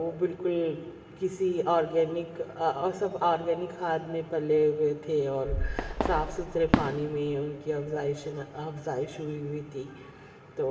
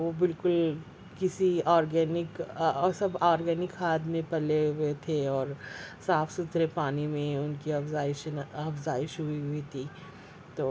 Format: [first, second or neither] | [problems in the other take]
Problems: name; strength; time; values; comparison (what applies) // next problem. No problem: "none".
second | background sound (Fireworks); 3 dB below the speech // room echo; dies away in 1.9 s